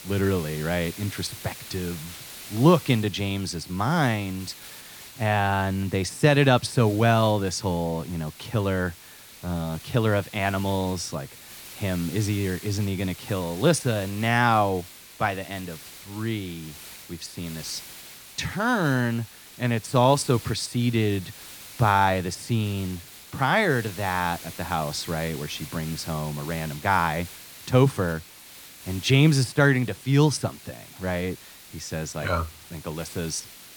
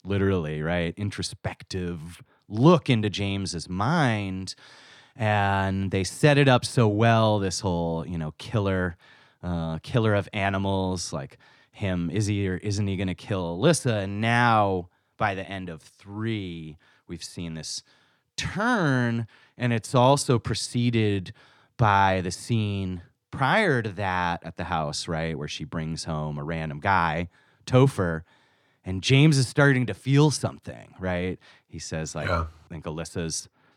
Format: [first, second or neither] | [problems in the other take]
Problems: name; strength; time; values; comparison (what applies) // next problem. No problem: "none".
second | hiss; noticeable; throughout; 15 dB below the speech